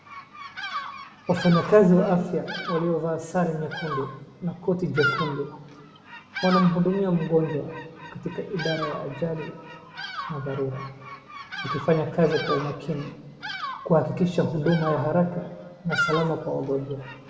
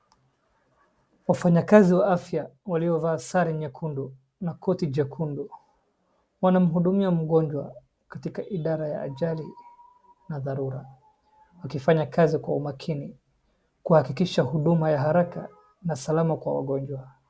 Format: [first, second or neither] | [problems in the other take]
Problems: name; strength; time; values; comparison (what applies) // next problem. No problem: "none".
second | background sound (Bird vocalization, bird call, bird song); 9 dB below the speech // room echo; dies away in 1.7 s